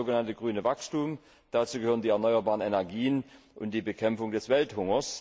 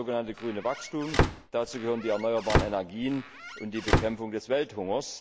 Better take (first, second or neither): first